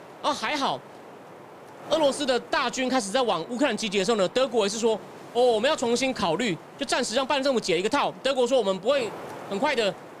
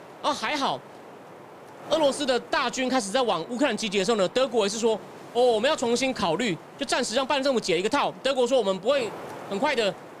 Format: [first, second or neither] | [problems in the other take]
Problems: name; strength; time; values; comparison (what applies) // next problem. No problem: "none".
neither | wind noise on the microphone; occasional gusts; 20 dB below the speech; the same in both